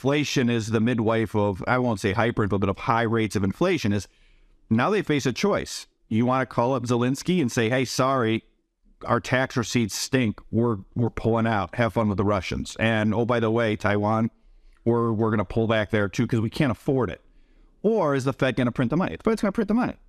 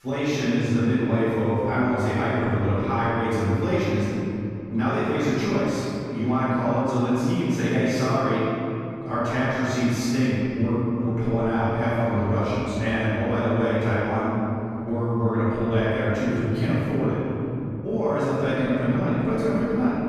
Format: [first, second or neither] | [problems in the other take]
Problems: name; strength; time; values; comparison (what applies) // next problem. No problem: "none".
first | off-mic speech; far // room echo; strong; dies away in 3 s